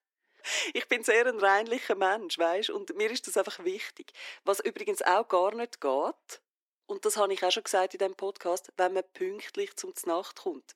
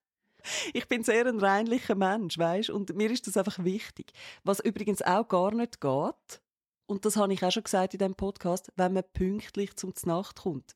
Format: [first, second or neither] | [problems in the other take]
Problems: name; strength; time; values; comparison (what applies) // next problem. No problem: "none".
second | thin; very; fading below 300 Hz